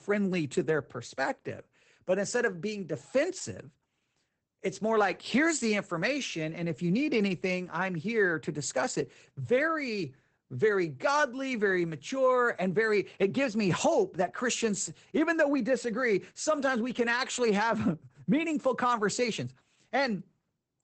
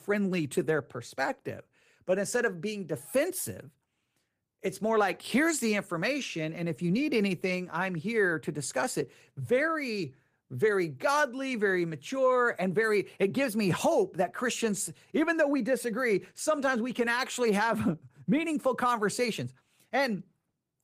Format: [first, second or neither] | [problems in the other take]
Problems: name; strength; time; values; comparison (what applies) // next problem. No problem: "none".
second | garbled, watery; badly; nothing above 8 kHz; slightly in the second